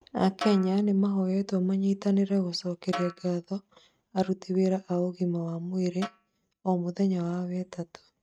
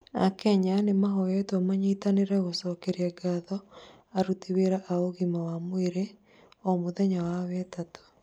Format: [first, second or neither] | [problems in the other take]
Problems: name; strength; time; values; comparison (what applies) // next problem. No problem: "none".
second | noise reduction (neural mask model RNNoise)